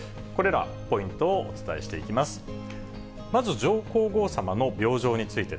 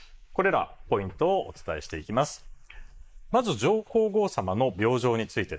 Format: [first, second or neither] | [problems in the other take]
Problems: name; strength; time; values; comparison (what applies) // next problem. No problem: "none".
first | noise reduction (neural mask model Resemble Enhance denoiser)